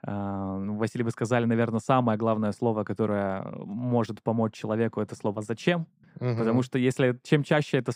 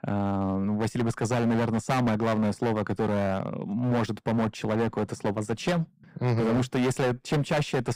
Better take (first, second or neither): first